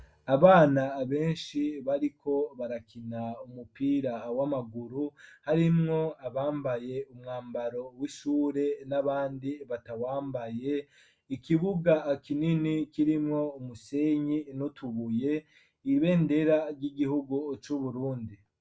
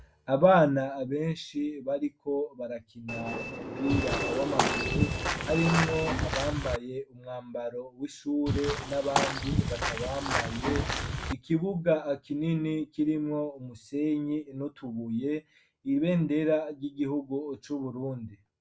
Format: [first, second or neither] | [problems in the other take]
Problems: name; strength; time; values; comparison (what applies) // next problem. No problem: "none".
first | background sound (Walk, footsteps / Bird vocalization, bird call, bird song + Train); as loud as the speech